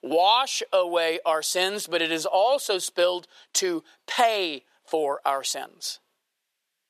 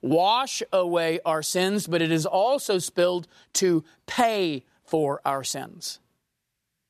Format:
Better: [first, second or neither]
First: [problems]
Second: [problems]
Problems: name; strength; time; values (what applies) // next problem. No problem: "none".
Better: second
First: thin; somewhat; fading below 550 Hz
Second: none